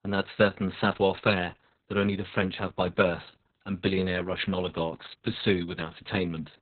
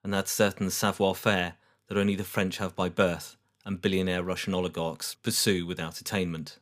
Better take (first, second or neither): second